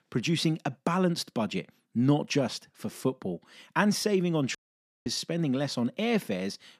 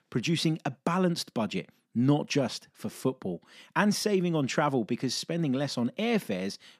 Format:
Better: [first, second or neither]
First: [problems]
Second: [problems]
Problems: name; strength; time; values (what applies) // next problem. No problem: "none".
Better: second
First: audio cutting out; at 4.5 s for 0.5 s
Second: none